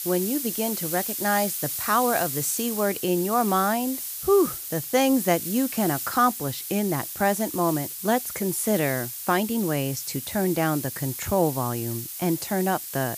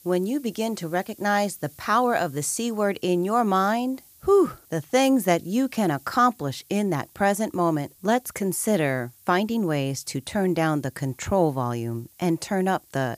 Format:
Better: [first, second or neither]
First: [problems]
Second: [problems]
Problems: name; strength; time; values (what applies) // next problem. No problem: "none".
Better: second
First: hiss; loud; throughout; 5 dB below the speech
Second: hiss; faint; throughout; 25 dB below the speech